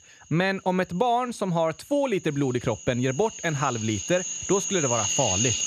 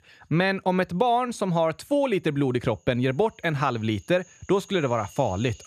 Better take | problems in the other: second | animal sounds; loud; throughout; 2 dB below the speech; faint in the second

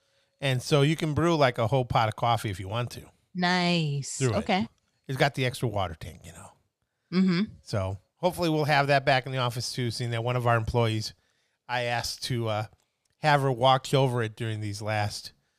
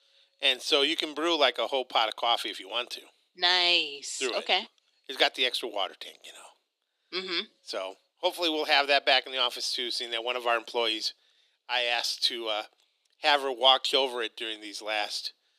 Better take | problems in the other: first | thin; very; fading below 300 Hz

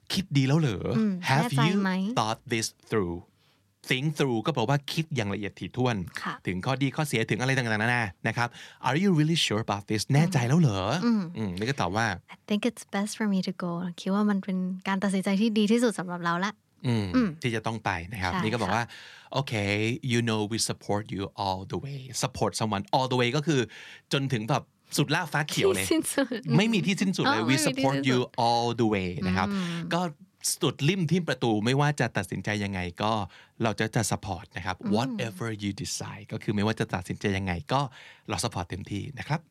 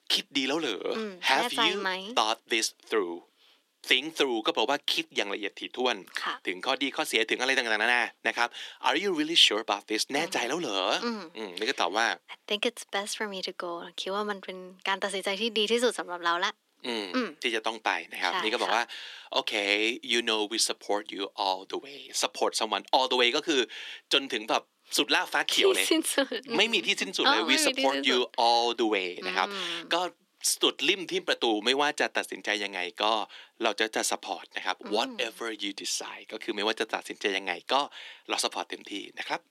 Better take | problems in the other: first | thin; somewhat; fading below 300 Hz

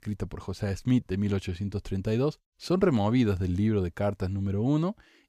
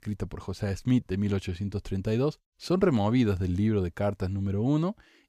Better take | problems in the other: neither | none

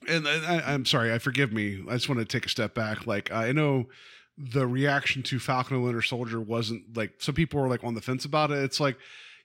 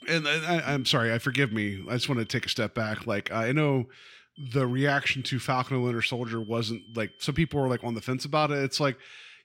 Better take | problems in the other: first | high-pitched whine; faint; until 2.5 s and from 4.5 to 8 s; 3 kHz, 25 dB below the speech

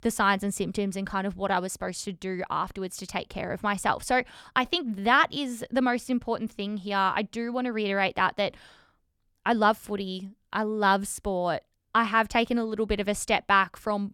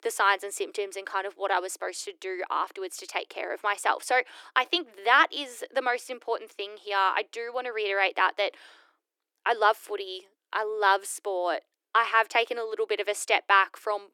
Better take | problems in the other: first | thin; very; fading below 300 Hz

